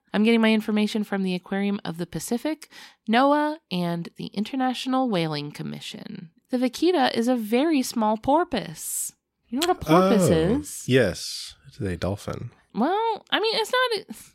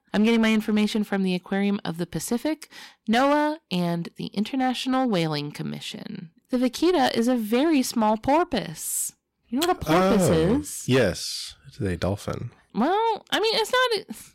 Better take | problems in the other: first | distortion; slight; 6% of the sound clipped

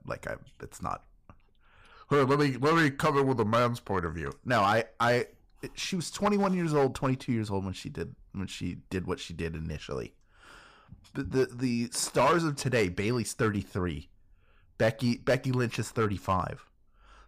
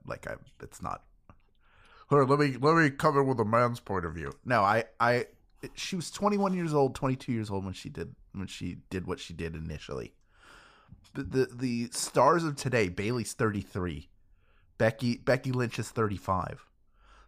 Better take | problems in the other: second | distortion; slight; 3% of the sound clipped

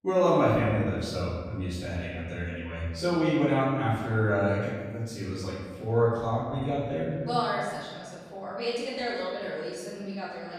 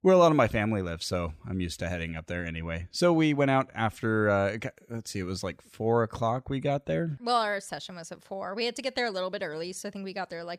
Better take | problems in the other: second | room echo; strong; dies away in 1.4 s // off-mic speech; far

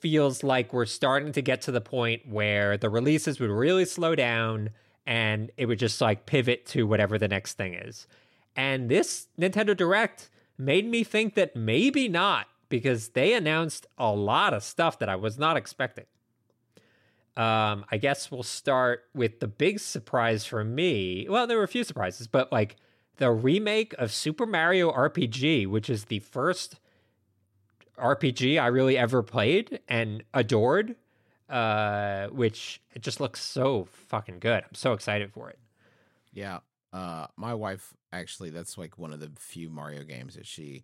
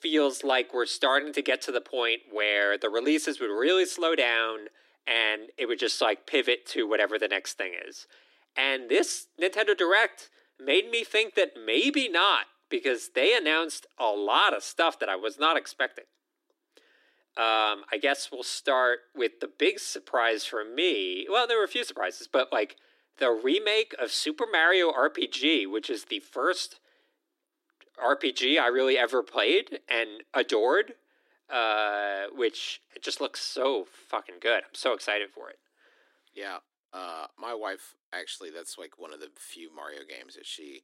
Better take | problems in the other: first | thin; somewhat; fading below 300 Hz

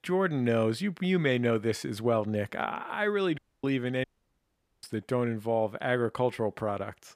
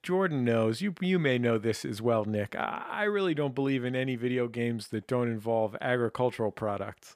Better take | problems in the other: second | audio cutting out; at 3.5 s and at 4 s for 1 s

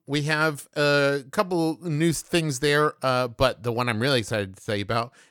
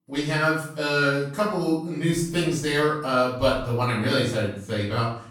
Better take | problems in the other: first | off-mic speech; far // room echo; noticeable; dies away in 0.5 s

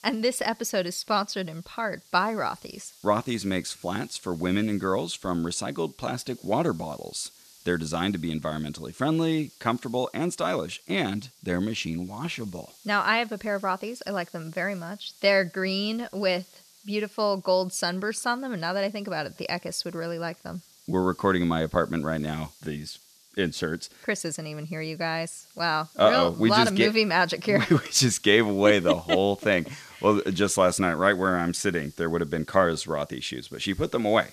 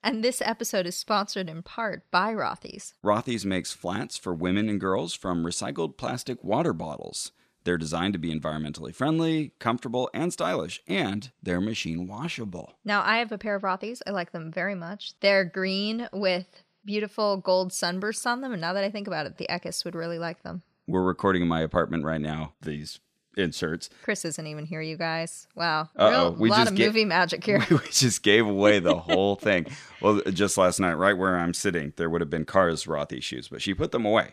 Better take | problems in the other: second | hiss; faint; throughout; 25 dB below the speech

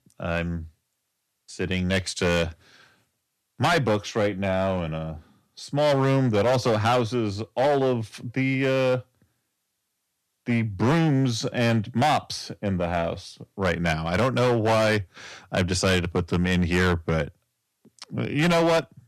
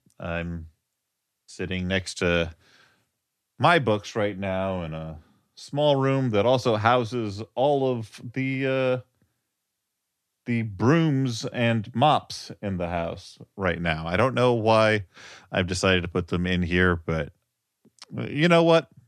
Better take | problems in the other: second | distortion; heavy; 9% of the sound clipped

